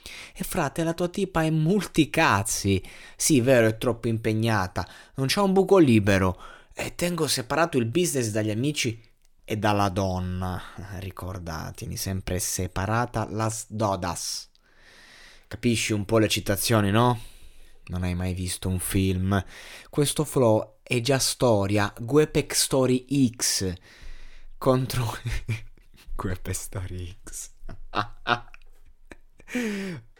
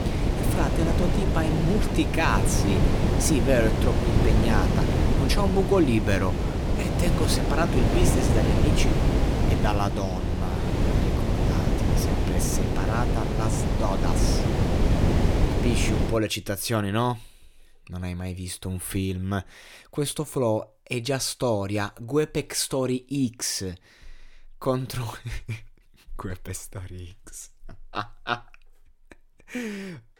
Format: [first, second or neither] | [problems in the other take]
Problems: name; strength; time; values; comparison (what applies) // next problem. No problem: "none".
first | wind noise on the microphone; heavy; until 16 s; 1 dB below the speech